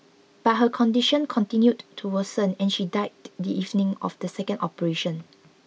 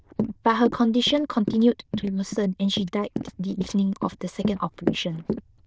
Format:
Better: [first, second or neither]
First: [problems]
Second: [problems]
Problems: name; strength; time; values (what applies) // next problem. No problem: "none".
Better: first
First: none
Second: noise reduction (neural diffusion model UNIVERSE++)